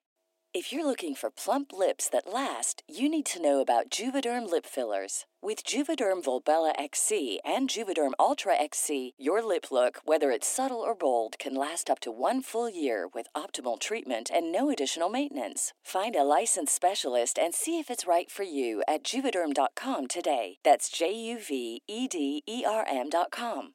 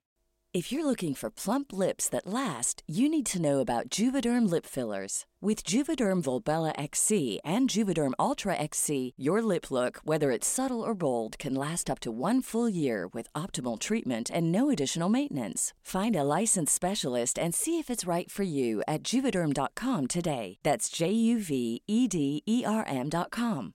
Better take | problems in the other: second | thin; somewhat; fading below 250 Hz

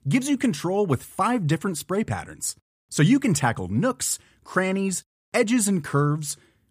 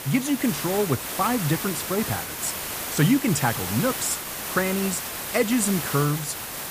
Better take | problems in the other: first | hiss; loud; throughout; 4 dB below the speech

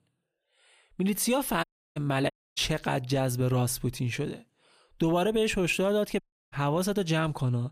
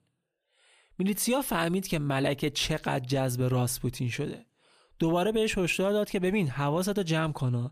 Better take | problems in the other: second | audio cutting out; at 1.5 s, at 2.5 s and at 6 s

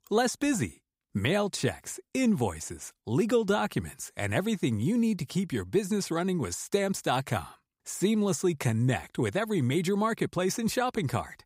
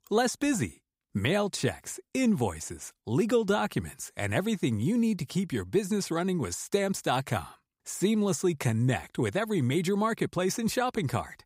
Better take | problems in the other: neither | none

